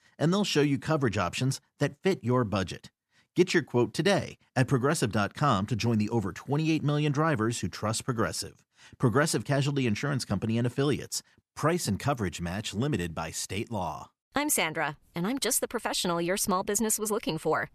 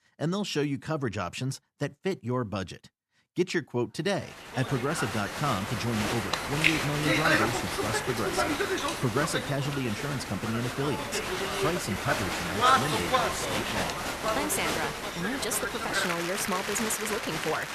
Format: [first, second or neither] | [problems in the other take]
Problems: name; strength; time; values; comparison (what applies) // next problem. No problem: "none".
first | crowd noise; very loud; from 4.5 s on; 3 dB above the speech